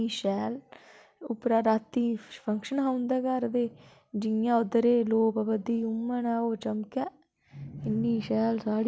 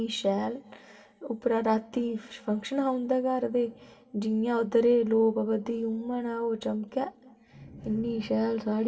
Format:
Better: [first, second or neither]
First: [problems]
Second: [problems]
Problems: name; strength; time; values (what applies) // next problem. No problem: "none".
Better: first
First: none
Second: room echo; dies away in 0.1 s